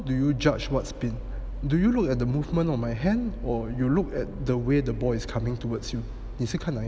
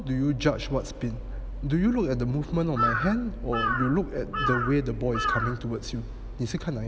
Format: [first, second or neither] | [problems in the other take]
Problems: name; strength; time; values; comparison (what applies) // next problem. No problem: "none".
first | background sound (Bird vocalization, bird call, bird song / Crow); 3 dB below the speech